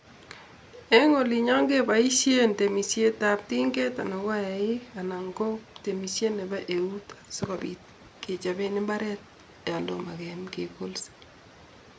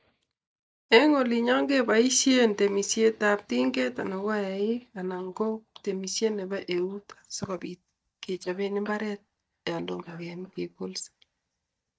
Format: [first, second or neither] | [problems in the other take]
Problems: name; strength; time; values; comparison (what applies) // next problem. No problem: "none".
first | noise reduction (neural mask model DeepFilterNet 3)